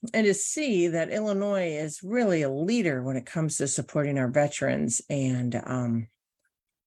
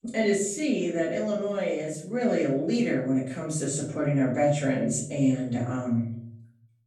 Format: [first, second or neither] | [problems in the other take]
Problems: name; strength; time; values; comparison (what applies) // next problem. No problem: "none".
first | room echo; noticeable; dies away in 0.6 s // off-mic speech; far